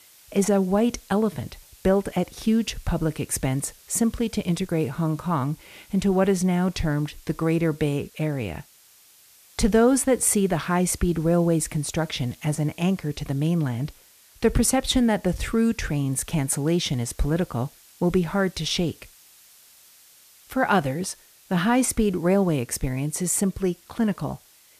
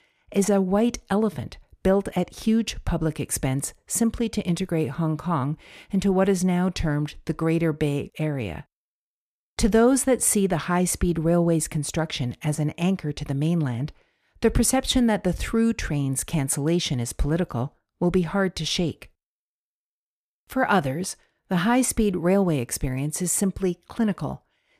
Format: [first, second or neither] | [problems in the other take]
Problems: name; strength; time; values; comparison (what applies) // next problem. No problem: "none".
second | hiss; faint; throughout; 25 dB below the speech